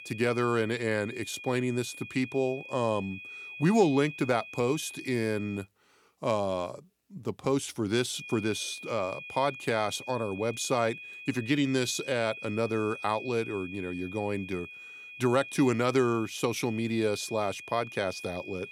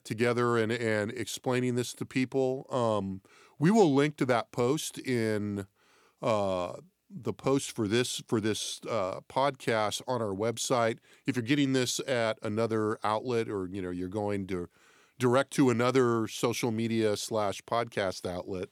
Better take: second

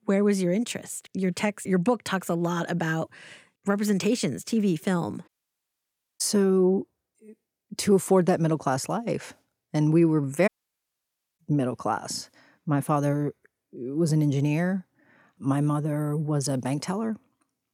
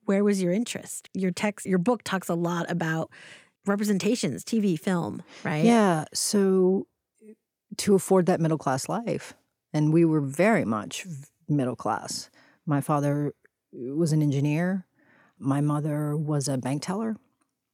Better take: second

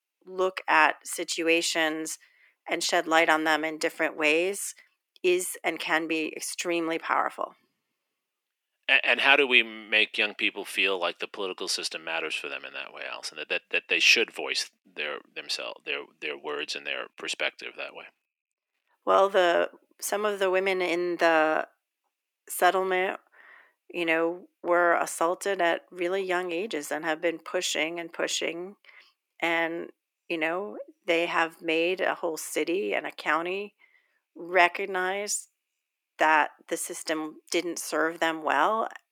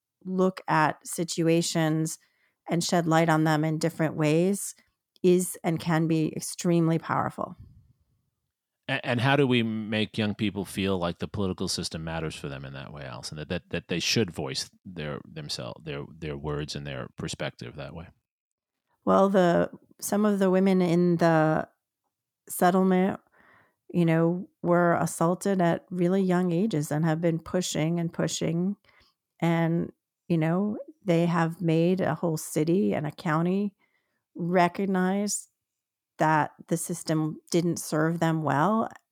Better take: second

